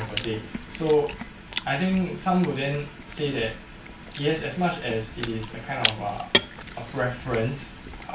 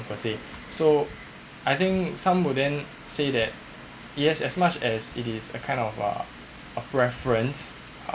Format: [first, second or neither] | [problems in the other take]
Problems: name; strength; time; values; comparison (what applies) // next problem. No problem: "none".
second | background sound (Chewing, mastication); 7 dB below the speech // room echo; dies away in 0.3 s